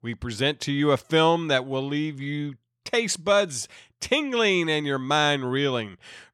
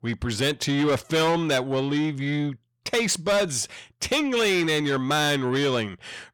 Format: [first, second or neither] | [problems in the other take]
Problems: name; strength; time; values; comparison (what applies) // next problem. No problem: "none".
first | distortion; heavy; 7 dB below the speech